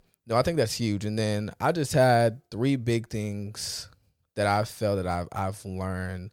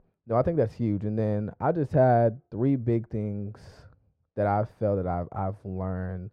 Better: first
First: none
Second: muffled; very; fading above 2.5 kHz

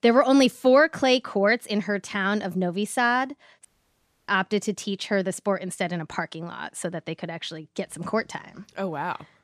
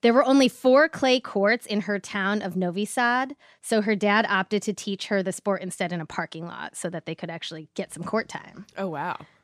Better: second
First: audio cutting out; at 3.5 s for 0.5 s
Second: none

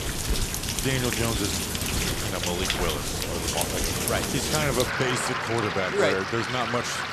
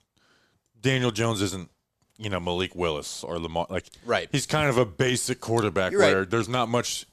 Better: second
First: rain or running water; very loud; throughout; 1 dB above the speech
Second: none

